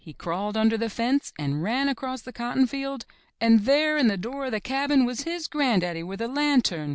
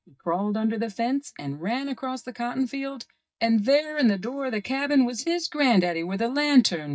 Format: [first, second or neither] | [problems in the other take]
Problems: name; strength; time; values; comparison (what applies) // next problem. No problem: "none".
first | noise reduction (neural mask model DeepFilterNet 3)